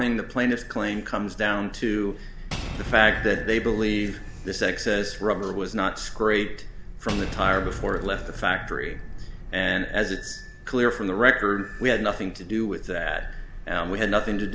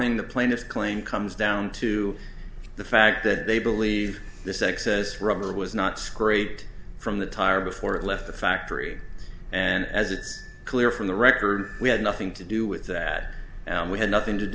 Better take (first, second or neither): second